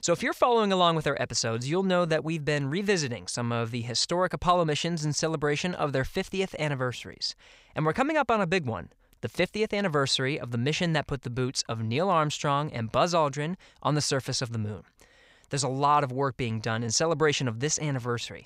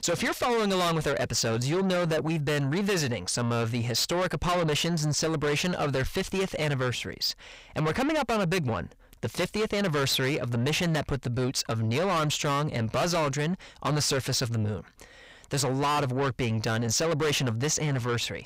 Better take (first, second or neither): first